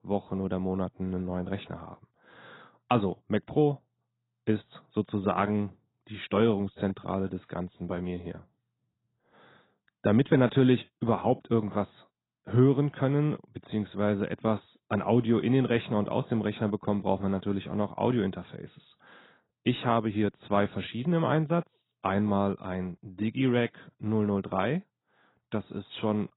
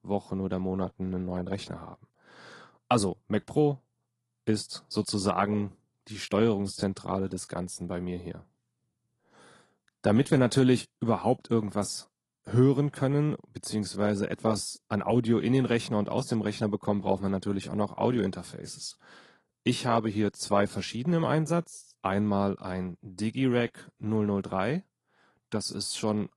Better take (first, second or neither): second